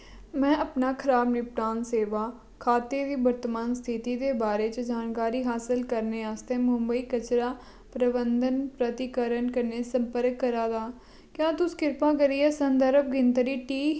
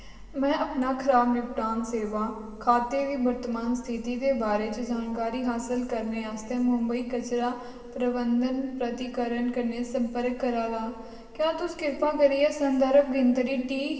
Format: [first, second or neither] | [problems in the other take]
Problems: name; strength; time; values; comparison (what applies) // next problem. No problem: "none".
first | room echo; dies away in 2.5 s